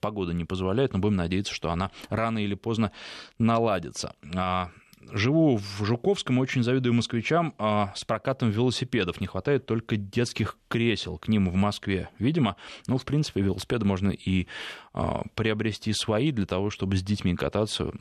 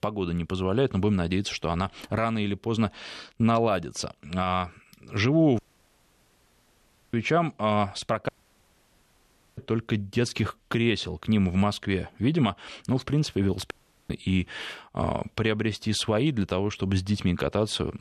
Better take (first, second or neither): first